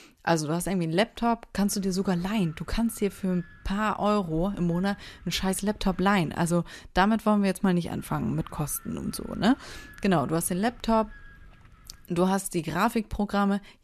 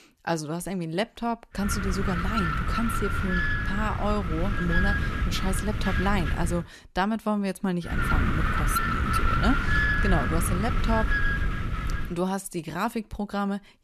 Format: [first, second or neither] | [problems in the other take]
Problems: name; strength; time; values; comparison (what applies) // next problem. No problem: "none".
first | wind noise on the microphone; heavy; from 1.5 to 6.5 s and from 8 to 12 s; 4 dB above the speech; occasional gusts in the first